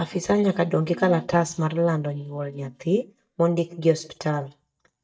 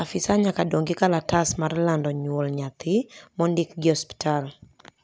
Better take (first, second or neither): second